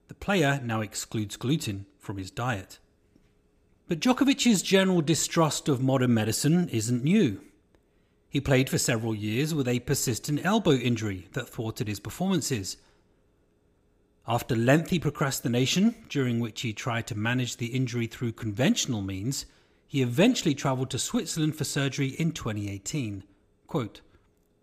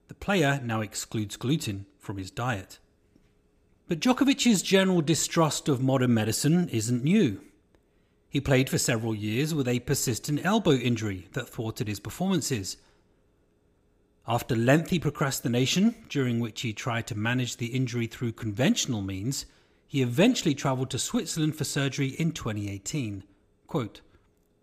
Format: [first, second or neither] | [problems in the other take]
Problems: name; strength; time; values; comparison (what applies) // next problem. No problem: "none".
neither | none